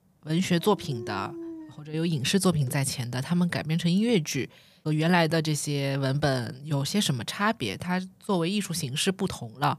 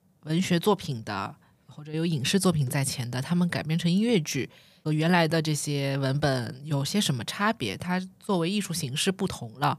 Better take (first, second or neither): second